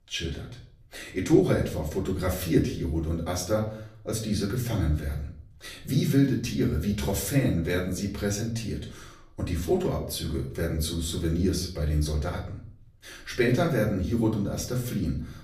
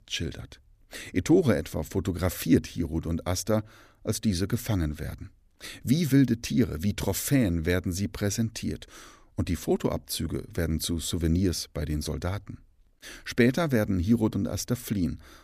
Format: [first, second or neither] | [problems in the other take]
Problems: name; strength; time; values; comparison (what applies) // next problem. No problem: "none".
second | off-mic speech; far // room echo; slight; dies away in 0.5 s